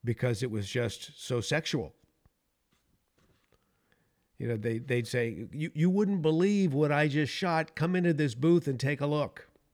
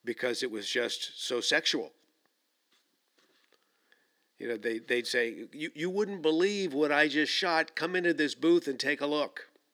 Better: first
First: none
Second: thin; somewhat; fading below 300 Hz

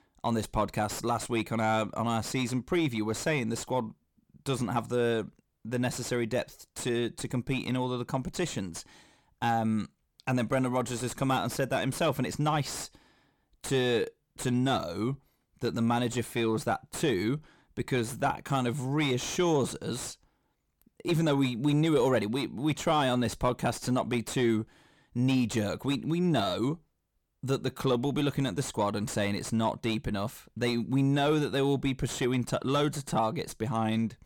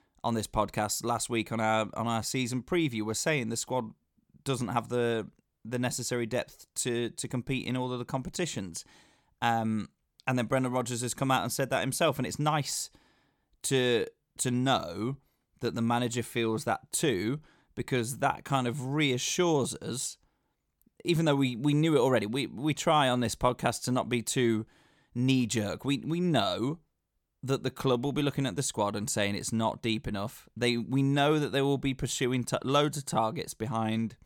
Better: second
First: distortion; slight; 10 dB below the speech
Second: none

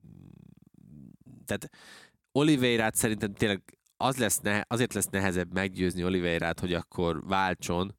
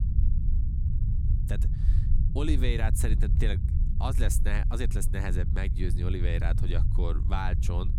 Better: first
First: none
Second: low rumble; loud; throughout; 8 dB below the speech

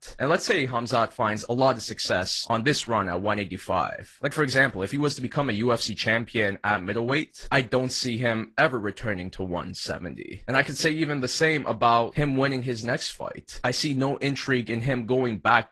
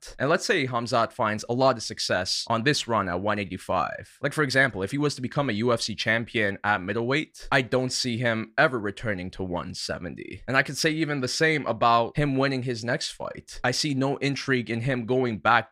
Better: second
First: garbled, watery; slightly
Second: none

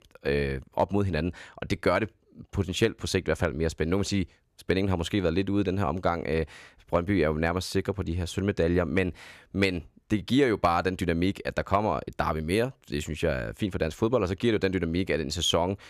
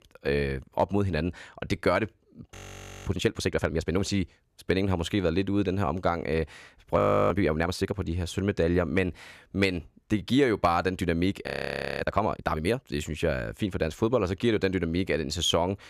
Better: first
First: none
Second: audio freezing; at 2.5 s for 0.5 s, at 7 s and at 11 s for 0.5 s

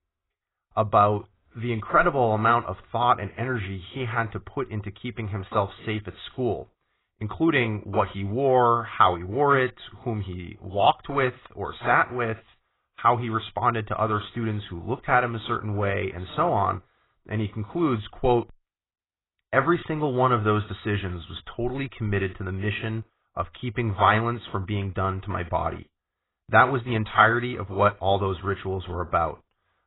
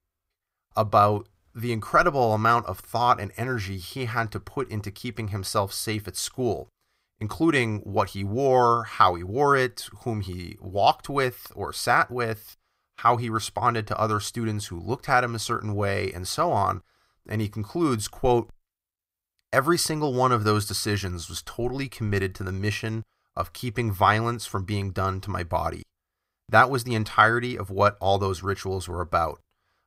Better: second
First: garbled, watery; badly; nothing above 4 kHz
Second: none

